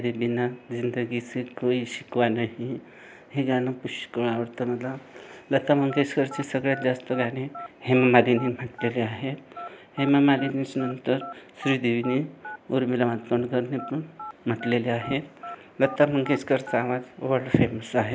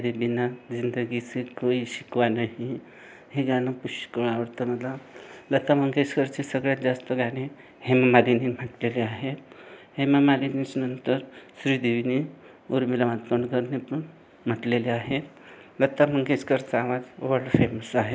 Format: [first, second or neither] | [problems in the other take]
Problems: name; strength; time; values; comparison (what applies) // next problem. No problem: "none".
second | background sound (Telephone); 15 dB below the speech